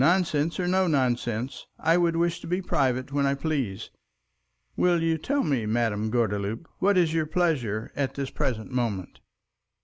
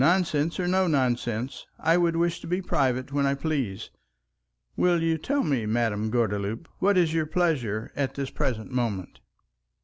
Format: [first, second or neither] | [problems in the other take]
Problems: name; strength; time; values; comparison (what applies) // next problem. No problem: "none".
second | noise reduction (neural mask model Resemble Enhance denoiser)